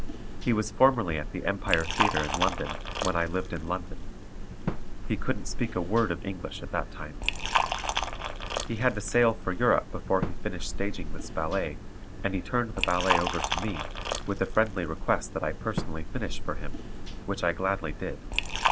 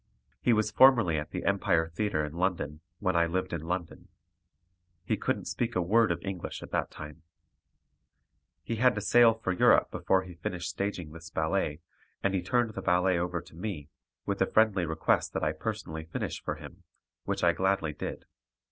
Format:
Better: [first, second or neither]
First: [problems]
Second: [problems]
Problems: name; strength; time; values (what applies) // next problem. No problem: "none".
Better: second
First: background sound (Liquid); 1 dB below the speech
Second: none